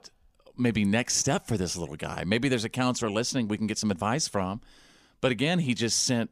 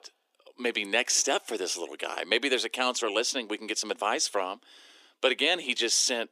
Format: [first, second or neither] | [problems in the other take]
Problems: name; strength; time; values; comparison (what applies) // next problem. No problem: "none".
first | thin; very; fading below 300 Hz